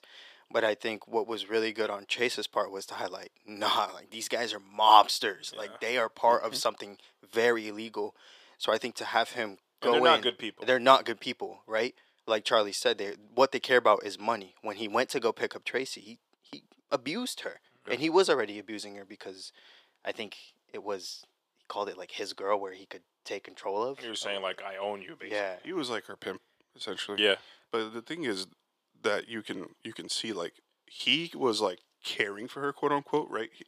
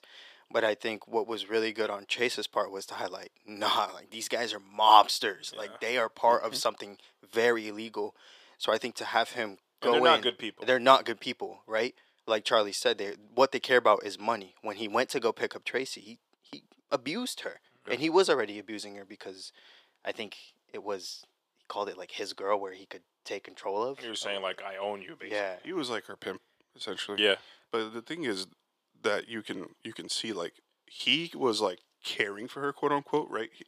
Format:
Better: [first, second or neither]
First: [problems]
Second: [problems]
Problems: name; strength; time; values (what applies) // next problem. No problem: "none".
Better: neither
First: thin; very; fading below 350 Hz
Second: thin; very; fading below 350 Hz